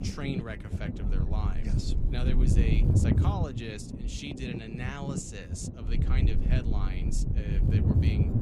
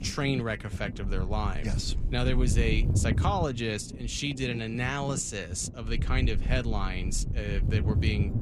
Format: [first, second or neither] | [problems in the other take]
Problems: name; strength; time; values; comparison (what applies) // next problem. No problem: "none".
second | wind noise on the microphone; heavy; as loud as the speech; occasional gusts in the second